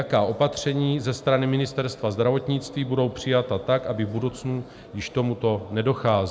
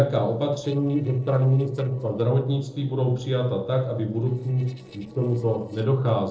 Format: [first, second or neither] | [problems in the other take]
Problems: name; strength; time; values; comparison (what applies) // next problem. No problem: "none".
first | noise reduction (neural separator model SepFormer DNS4)